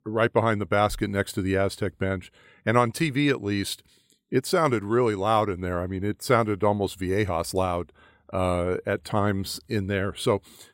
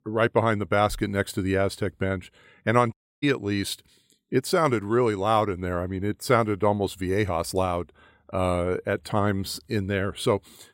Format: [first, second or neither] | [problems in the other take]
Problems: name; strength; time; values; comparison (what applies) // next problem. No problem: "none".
first | audio cutting out; at 3 s